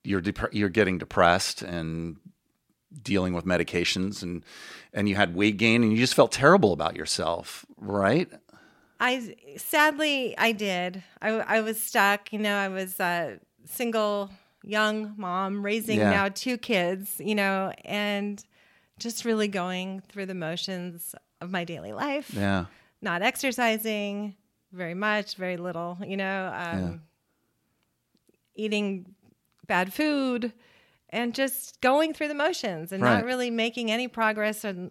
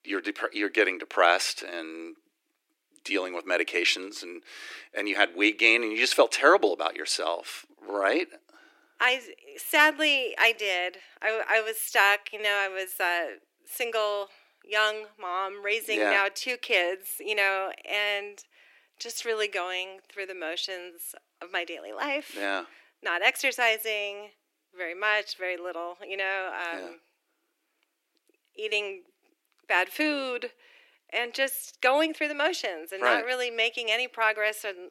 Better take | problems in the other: first | thin; very; fading below 300 Hz

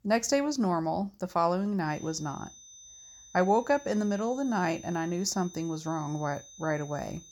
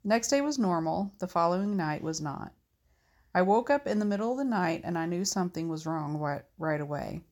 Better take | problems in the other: second | high-pitched whine; noticeable; from 2 s on; 6 kHz, 20 dB below the speech

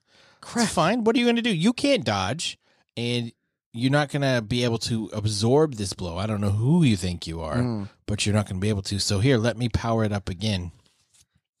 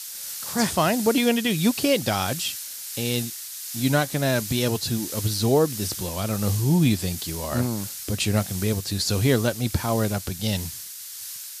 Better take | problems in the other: first | hiss; loud; throughout; 8 dB below the speech

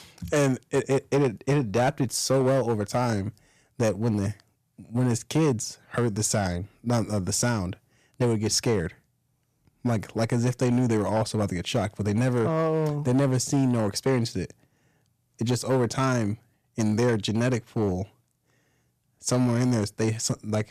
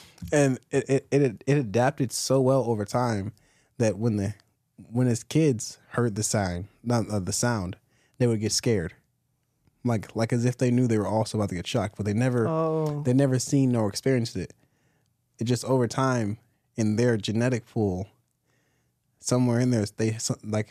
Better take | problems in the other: second | distortion; slight; 6% of the sound clipped

